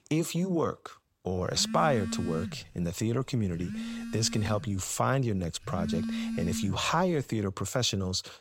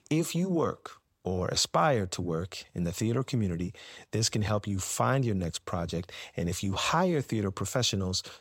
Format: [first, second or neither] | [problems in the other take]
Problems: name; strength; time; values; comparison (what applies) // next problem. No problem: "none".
second | phone ringing; noticeable; from 1.5 to 7 s; peak 2 dB below the speech